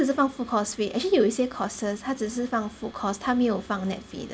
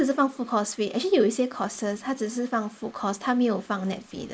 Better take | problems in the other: first | noise reduction (neural mask model Resemble Enhance denoiser)

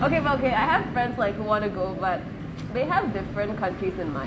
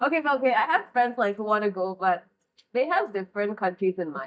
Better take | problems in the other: first | noise reduction (neural mask model DeepFilterNet 3)

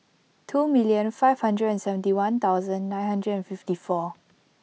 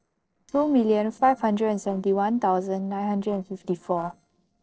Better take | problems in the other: first | noise reduction (neural separator model SepFormer DNS4)

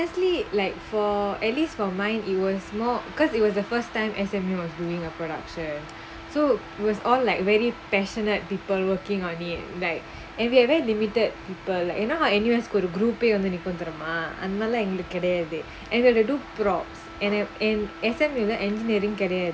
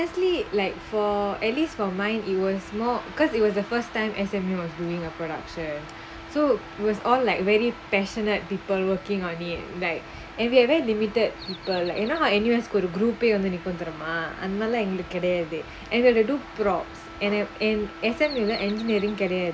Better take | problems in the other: first | background sound (Bird vocalization, bird call, bird song); 17 dB below the speech

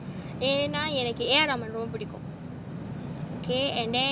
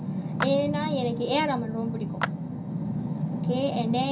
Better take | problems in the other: first | background sound (Clapping); 12 dB below the speech // room echo; dies away in 0.3 s

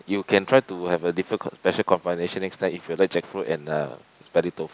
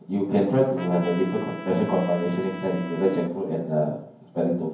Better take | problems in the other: first | background sound (Trumpet); 14 dB below the speech // room echo; dies away in 0.9 s

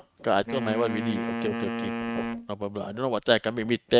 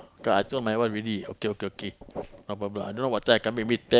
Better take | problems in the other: second | noise reduction (neural mask model RNNoise)

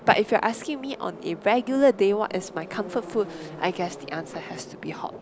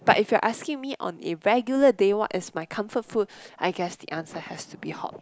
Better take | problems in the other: second | background sound (Subway, metro, underground); 16 dB below the speech

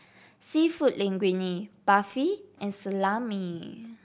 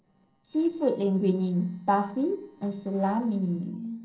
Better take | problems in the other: first | noise reduction (neural separator model SepFormer DNS4)

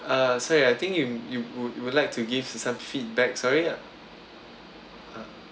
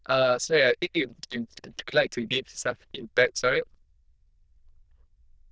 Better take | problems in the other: first | noise reduction (neural diffusion model UNIVERSE++)

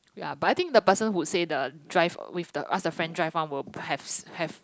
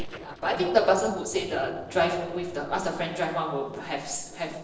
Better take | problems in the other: first | noise reduction (neural separator model SepFormer DNS4)

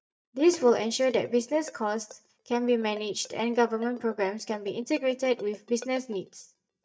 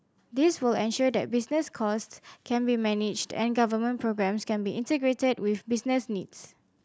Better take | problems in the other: second | noise reduction (neural mask model DeepFilterNet 3)

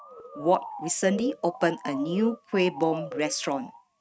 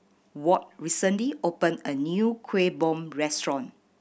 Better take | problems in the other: second | noise reduction (neural mask model RNNoise)

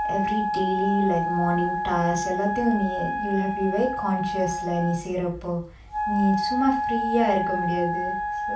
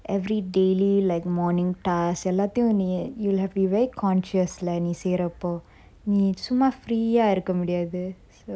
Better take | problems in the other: second | background sound (Wind instrument, woodwind instrument); 2 dB below the speech // room echo; dies away in 0.3 s

